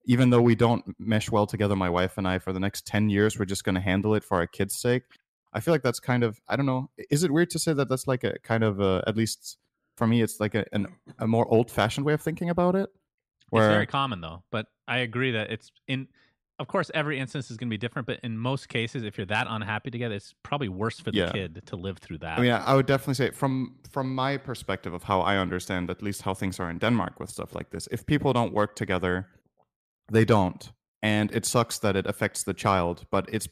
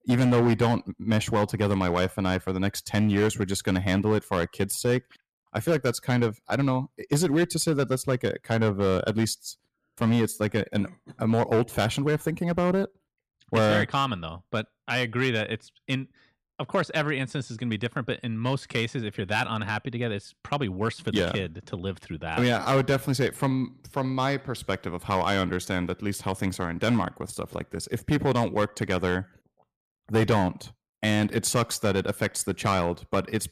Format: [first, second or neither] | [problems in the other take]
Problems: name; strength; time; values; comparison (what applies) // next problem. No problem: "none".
first | distortion; slight; 5% of the sound clipped